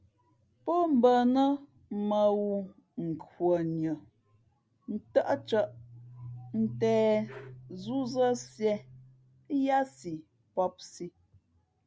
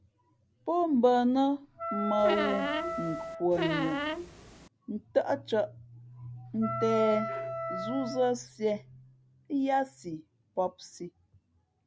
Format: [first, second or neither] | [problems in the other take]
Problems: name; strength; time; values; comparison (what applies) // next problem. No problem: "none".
first | background sound (Wind instrument, woodwind instrument + Squeak); 3 dB below the speech